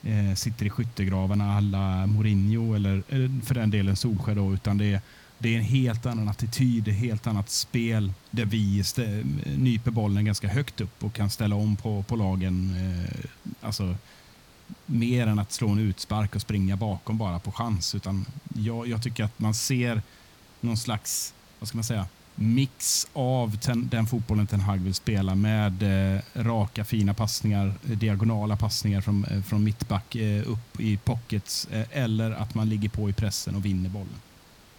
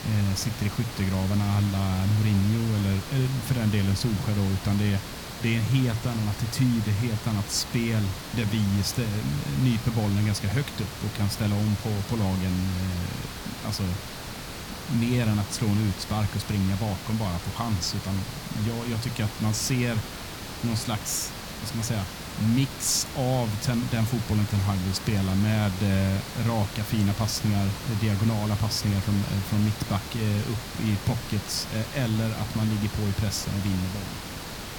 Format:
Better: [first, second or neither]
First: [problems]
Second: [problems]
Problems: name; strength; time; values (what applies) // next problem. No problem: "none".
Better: first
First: hiss; faint; throughout; 25 dB below the speech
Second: hiss; loud; throughout; 9 dB below the speech